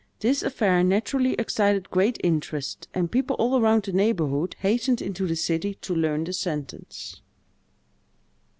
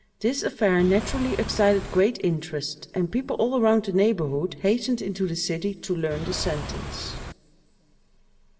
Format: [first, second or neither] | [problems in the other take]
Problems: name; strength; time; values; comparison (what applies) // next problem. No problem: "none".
first | background sound (Engine / Car); 8 dB below the speech // room echo; dies away in 1.9 s